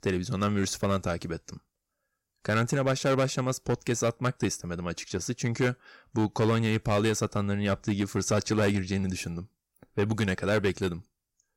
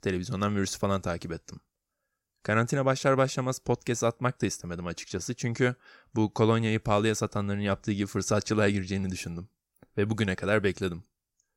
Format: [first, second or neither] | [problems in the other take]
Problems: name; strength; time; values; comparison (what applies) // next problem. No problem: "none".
second | distortion; slight; 5% of the sound clipped